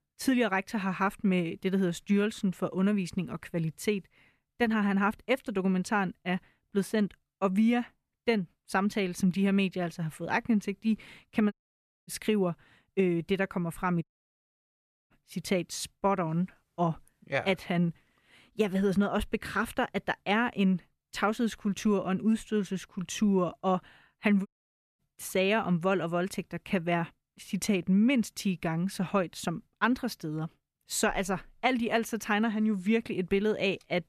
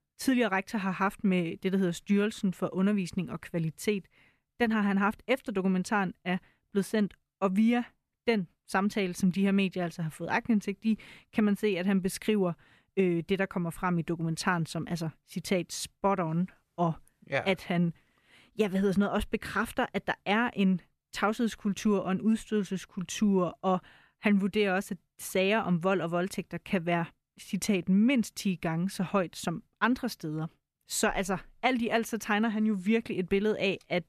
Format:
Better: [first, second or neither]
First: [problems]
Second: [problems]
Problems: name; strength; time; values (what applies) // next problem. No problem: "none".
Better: second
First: audio cutting out; at 12 s for 0.5 s, at 14 s for 1 s and at 24 s for 0.5 s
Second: none